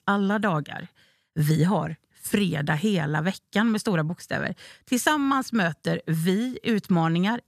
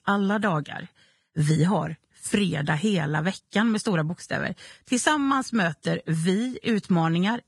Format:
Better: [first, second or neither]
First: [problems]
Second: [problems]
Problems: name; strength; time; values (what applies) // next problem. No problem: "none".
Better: first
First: none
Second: garbled, watery; badly; nothing above 10.5 kHz